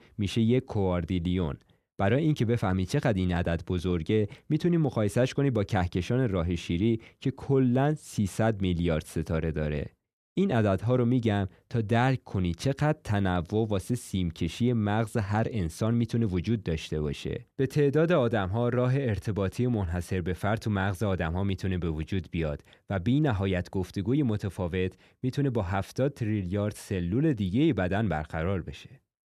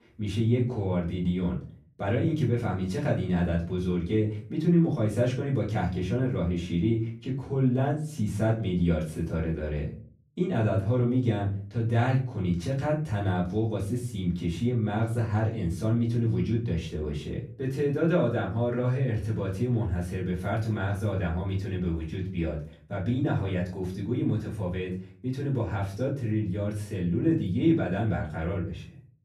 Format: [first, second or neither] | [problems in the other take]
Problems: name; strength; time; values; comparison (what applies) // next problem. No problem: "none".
first | room echo; slight; dies away in 0.4 s // off-mic speech; far